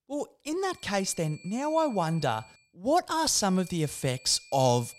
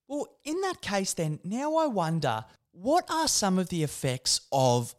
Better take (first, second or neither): second